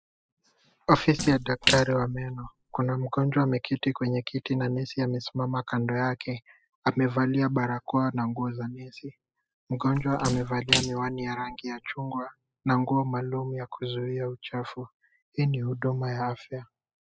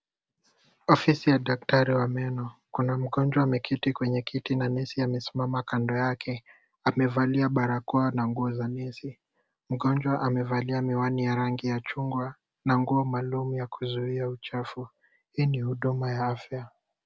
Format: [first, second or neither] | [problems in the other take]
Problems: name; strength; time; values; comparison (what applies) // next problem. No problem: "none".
second | noise reduction (classical method spectral subtraction)